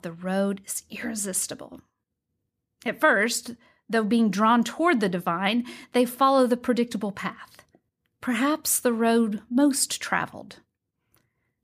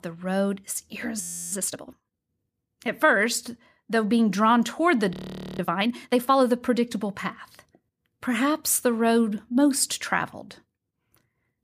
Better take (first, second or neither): first